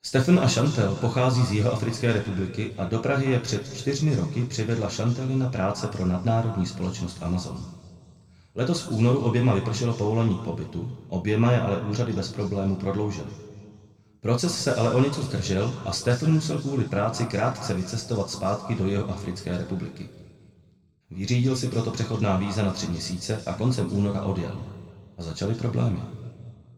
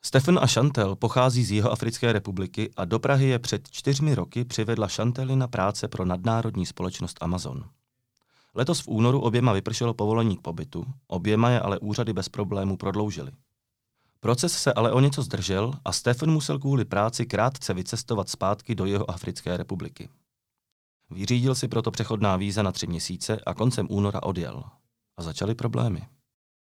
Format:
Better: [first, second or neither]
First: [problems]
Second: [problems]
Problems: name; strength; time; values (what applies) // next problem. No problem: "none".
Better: second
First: room echo; noticeable; dies away in 1.6 s // off-mic speech; somewhat distant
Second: none